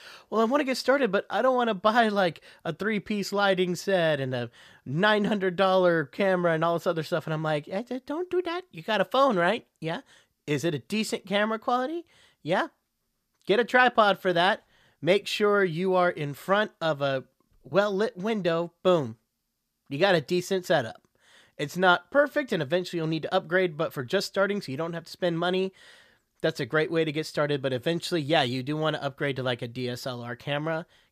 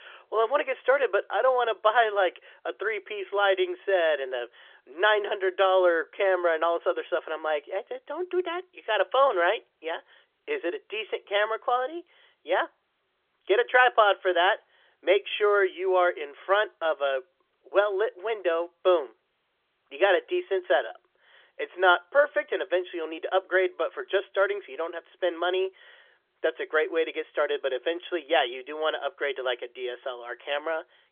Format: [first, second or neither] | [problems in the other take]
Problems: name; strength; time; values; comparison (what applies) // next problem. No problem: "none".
first | phone-call audio; nothing above 3.5 kHz